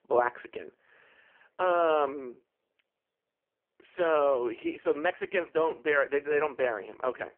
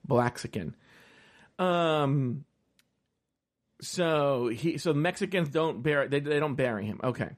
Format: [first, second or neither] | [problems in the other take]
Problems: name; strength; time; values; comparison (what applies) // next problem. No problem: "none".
second | phone-call audio; poor line; nothing above 3 kHz